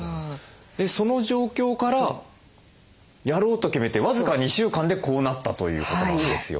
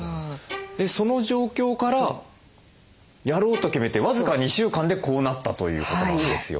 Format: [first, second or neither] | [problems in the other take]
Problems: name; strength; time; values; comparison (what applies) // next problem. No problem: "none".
first | background sound (Bowed string instrument); 16 dB below the speech